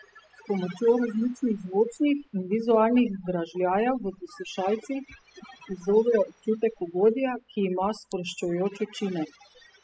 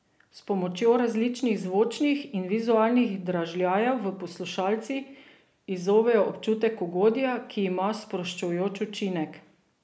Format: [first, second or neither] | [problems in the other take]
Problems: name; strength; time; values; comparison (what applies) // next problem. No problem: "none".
second | noise reduction (classical method spectral subtraction)